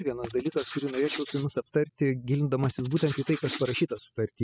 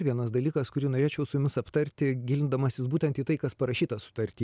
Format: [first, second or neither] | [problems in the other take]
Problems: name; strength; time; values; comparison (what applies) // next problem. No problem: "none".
second | noise reduction (classical method spectral subtraction)